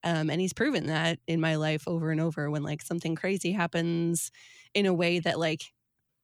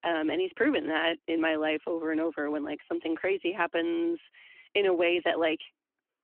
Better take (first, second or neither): first